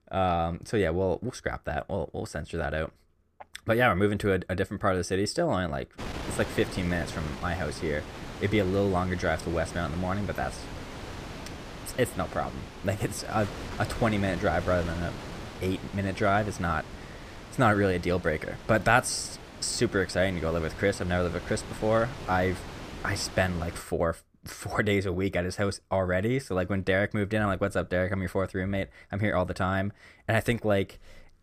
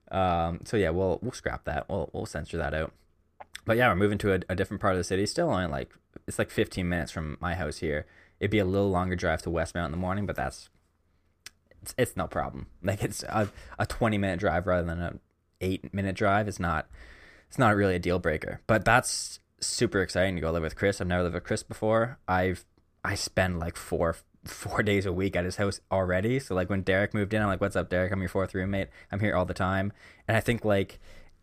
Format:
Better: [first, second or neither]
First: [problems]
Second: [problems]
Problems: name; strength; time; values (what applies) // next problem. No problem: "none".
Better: second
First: wind noise on the microphone; occasional gusts; from 6 to 24 s; 15 dB below the speech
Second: none